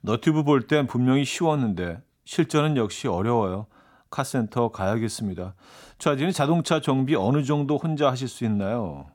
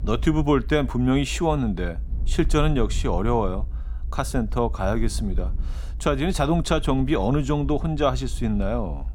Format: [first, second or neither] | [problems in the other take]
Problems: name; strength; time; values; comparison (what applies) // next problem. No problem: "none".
first | low rumble; faint; throughout; 25 dB below the speech